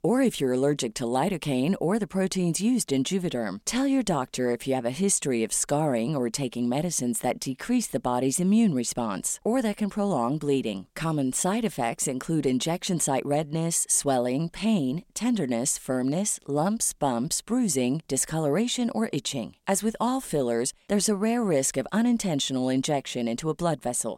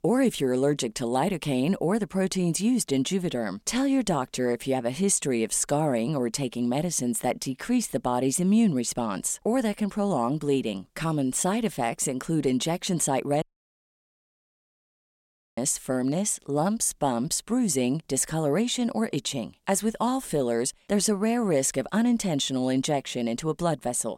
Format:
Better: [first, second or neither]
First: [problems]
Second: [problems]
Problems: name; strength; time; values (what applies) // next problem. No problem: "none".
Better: first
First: none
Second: audio cutting out; at 13 s for 2 s